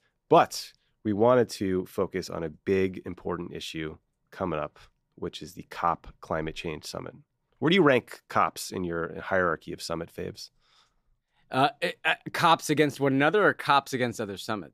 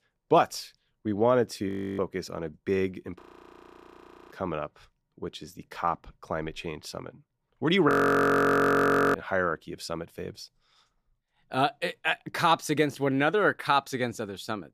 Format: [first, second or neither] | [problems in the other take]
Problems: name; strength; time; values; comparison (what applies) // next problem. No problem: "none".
first | audio freezing; at 1.5 s, at 3 s for 1 s and at 8 s for 1.5 s